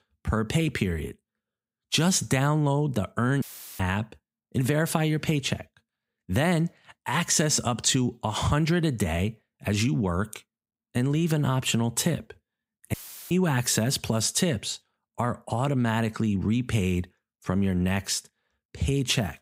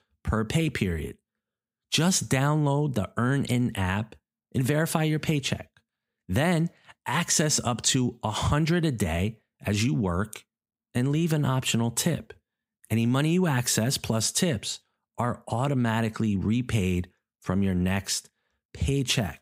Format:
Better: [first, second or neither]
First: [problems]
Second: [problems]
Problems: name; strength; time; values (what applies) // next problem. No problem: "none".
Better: second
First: audio cutting out; filled with static; at 3.5 s and at 13 s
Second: none